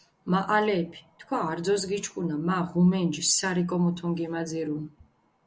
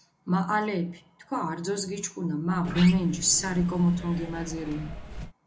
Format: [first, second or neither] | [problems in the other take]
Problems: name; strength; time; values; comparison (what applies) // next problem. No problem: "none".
first | background sound (Sliding door); 11 dB below the speech // room echo; dies away in 0.3 s